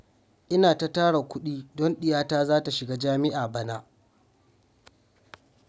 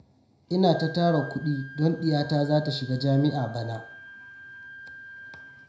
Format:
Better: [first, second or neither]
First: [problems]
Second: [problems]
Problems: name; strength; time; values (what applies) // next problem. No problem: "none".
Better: first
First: none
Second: background sound (Wind instrument, woodwind instrument); 17 dB below the speech // room echo; dies away in 0.5 s